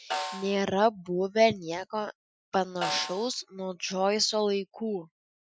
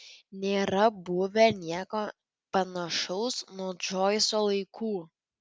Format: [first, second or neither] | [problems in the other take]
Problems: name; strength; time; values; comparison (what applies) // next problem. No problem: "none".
second | noise reduction (classical method Wiener filter)